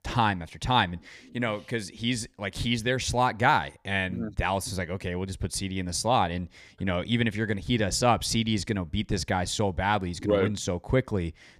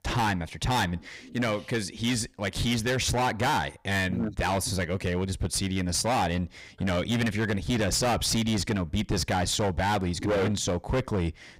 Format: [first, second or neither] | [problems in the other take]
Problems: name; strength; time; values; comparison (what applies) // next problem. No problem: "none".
first | distortion; heavy; 18% of the sound clipped